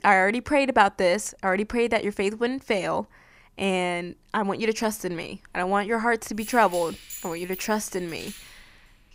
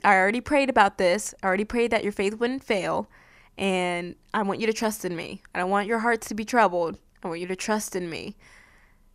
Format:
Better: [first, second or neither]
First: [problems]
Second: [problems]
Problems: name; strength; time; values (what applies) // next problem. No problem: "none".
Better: second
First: jangling keys; faint; from 5 s on; peak 10 dB below the speech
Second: none